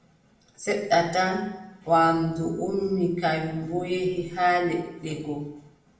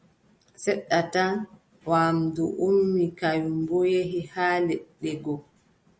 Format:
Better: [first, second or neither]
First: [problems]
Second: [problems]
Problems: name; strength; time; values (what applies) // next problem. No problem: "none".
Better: second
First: room echo; dies away in 0.8 s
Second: none